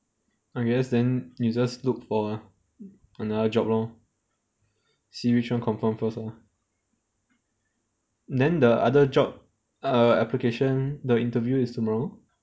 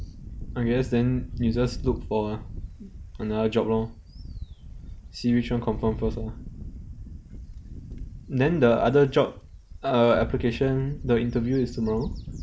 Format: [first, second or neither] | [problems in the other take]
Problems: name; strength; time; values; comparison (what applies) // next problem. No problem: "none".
first | background sound (Wind / Bird); 10 dB below the speech